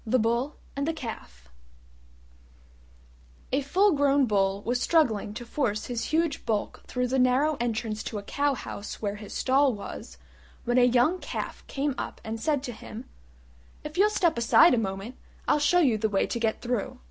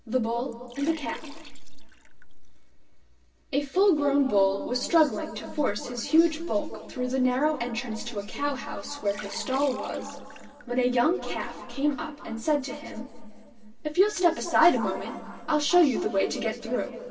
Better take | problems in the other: first | noise reduction (neural separator model SepFormer DNS4)

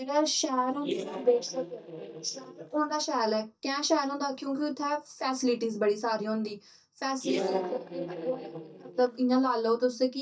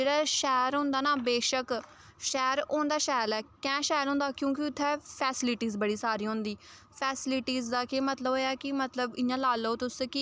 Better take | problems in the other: second | noise reduction (neural mask model DeepFilterNet 3)

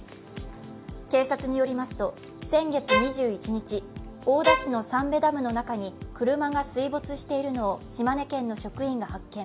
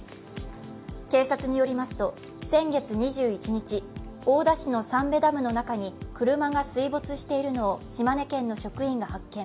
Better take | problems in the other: second | background sound (Bowed string instrument); as loud as the speech

